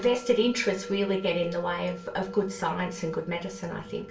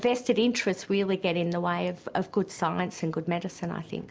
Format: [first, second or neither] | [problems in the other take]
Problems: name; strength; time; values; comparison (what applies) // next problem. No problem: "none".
second | background sound (Musical instrument); 14 dB below the speech // room echo; dies away in 0.3 s